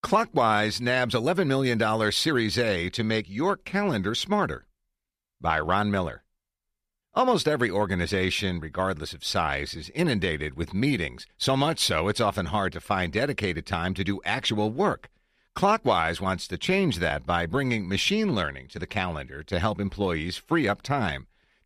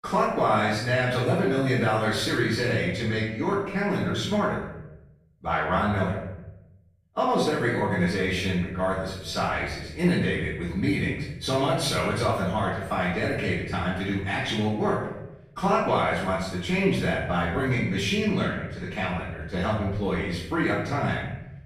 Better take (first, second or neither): first